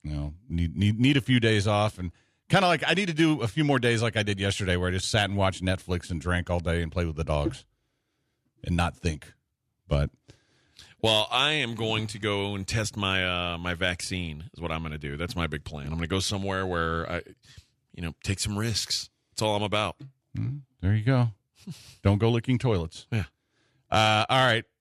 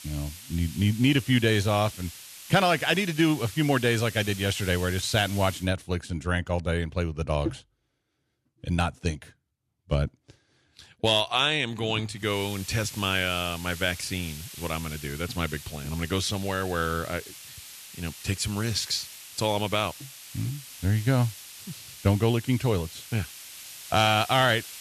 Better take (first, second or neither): first